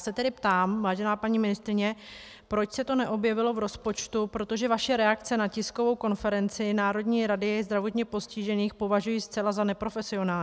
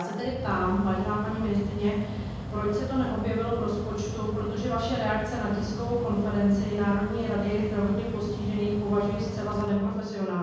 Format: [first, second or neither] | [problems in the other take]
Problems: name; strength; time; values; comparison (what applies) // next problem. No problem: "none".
first | background sound (Mechanical fan); 7 dB below the speech // room echo; dies away in 1.3 s